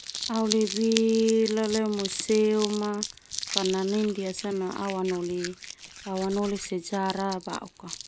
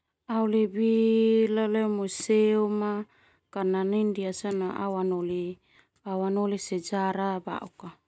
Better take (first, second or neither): second